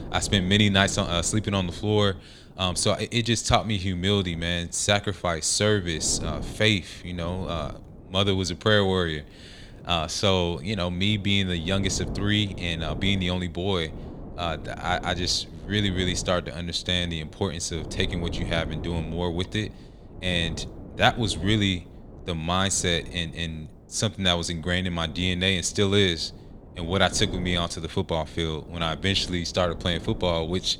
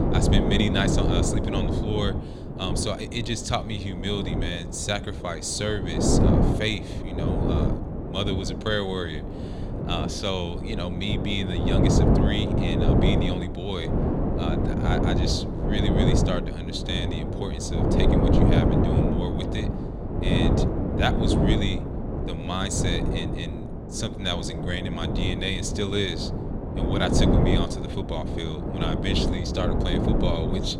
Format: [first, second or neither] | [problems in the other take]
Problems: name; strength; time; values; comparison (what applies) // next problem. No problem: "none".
first | wind noise on the microphone; heavy; as loud as the speech; occasional gusts in the first